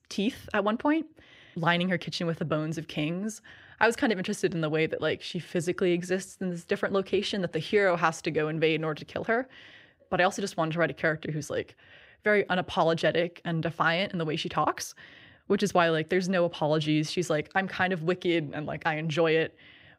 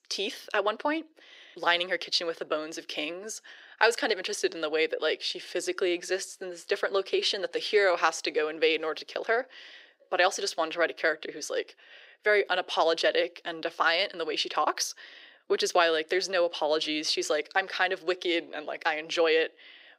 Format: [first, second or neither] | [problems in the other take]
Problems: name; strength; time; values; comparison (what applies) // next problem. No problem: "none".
first | thin; very; fading below 400 Hz